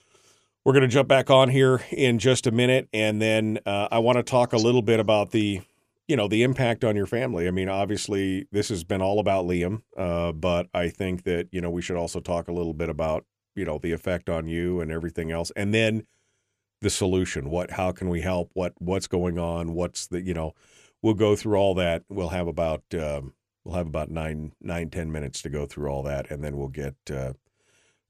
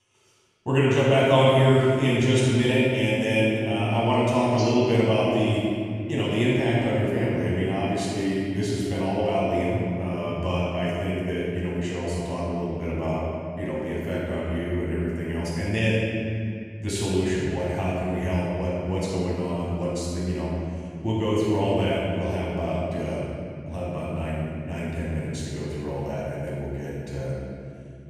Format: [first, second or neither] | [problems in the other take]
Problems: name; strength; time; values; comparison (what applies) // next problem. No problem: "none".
first | off-mic speech; far // room echo; strong; dies away in 2.6 s